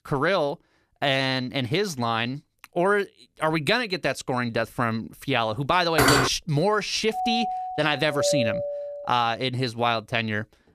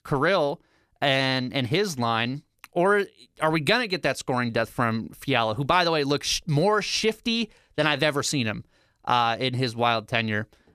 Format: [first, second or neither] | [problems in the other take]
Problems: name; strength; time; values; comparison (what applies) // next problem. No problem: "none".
second | clattering dishes; loud; at 6 s; peak 6 dB above the speech // doorbell; loud; from 7 to 9 s; peak level with the speech